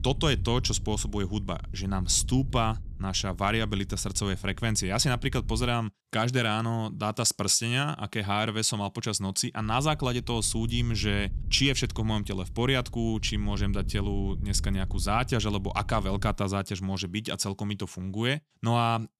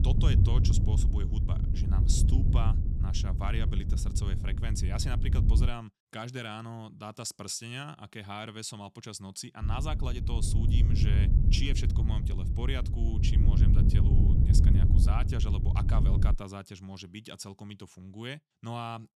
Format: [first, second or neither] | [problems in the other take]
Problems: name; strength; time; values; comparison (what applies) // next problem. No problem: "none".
first | wind noise on the microphone; heavy; until 5.5 s and from 9.5 to 16 s; 2 dB below the speech; occasional gusts in the first